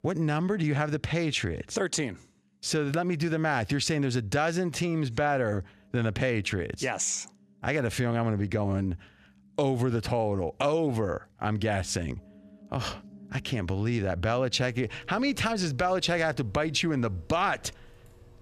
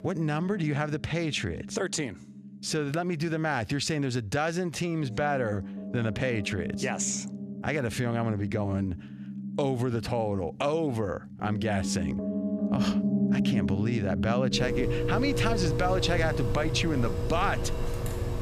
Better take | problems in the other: first | background music; loud; throughout; 2 dB below the speech; faint in the first

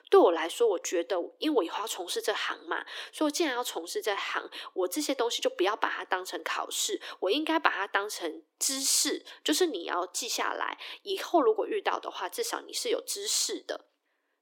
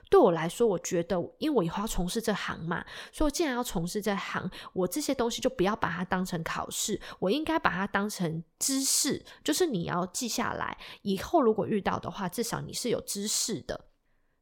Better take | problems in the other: second | thin; somewhat; fading below 300 Hz

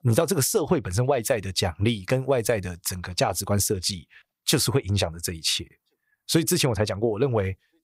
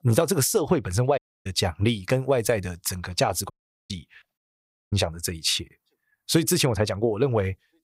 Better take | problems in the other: first | audio cutting out; at 1 s, at 3.5 s and at 4.5 s for 0.5 s

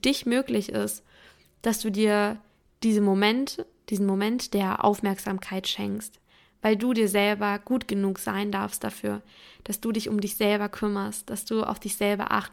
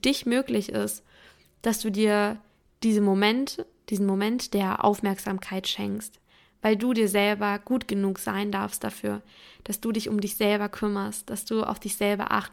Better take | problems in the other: neither | none

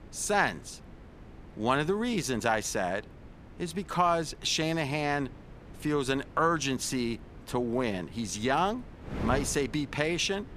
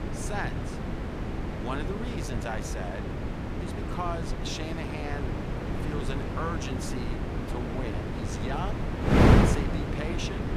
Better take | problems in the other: first | wind noise on the microphone; heavy; 3 dB above the speech; occasional gusts in the first

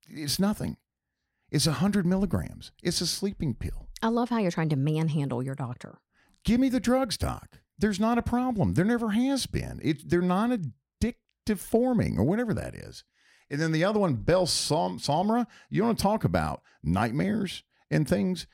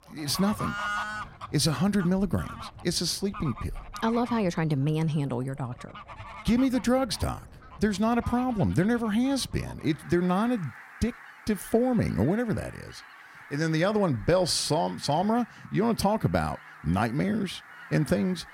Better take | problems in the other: first | animal sounds; noticeable; throughout; 15 dB below the speech

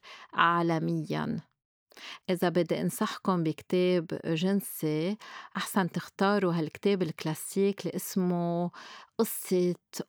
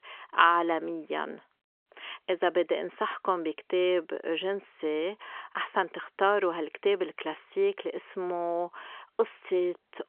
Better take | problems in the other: first | phone-call audio; nothing above 3.5 kHz

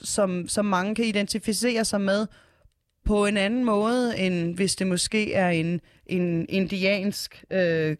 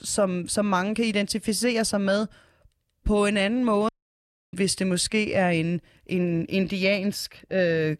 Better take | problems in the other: first | audio cutting out; at 4 s for 0.5 s

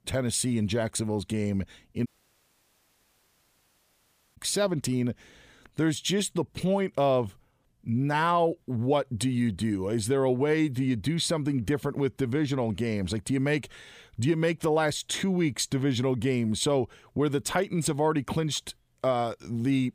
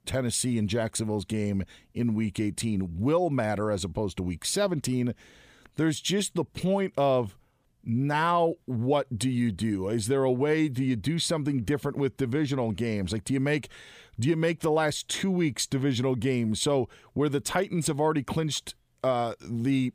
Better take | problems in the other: second | audio cutting out; at 2 s for 2.5 s

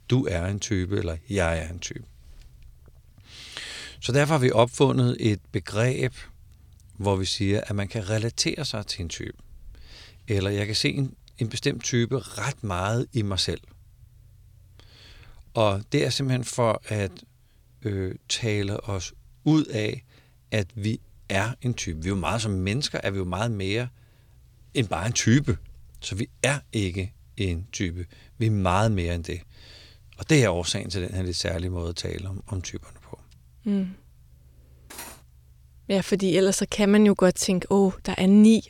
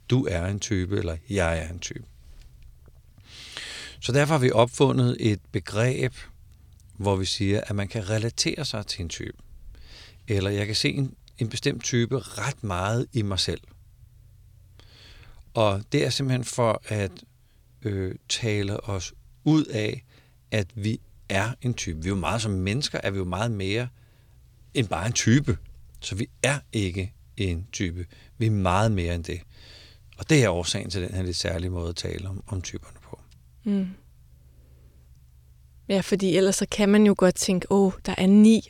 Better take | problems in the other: second | clattering dishes; faint; at 35 s; peak 15 dB below the speech

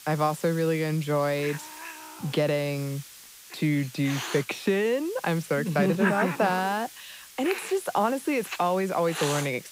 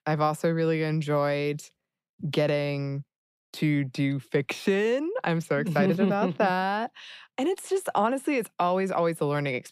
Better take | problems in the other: second | hiss; noticeable; throughout; 10 dB below the speech

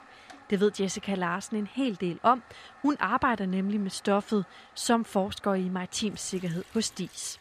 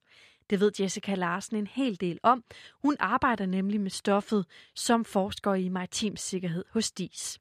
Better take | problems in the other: second | household noises; faint; throughout; 25 dB below the speech

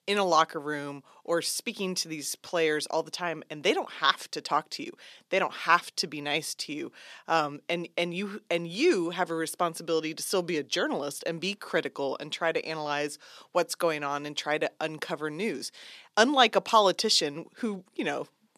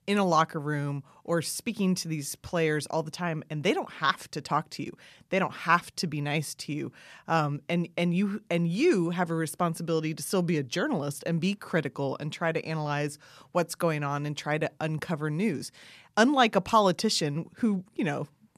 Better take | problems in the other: second | thin; somewhat; fading below 350 Hz

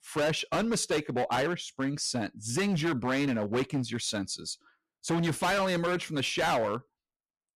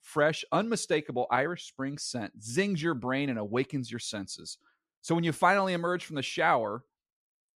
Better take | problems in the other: second | distortion; heavy; 15% of the sound clipped

